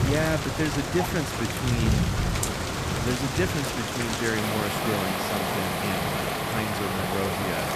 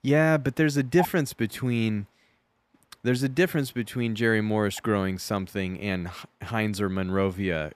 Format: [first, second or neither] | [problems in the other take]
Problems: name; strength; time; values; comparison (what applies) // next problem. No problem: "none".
second | rain or running water; very loud; throughout; 3 dB above the speech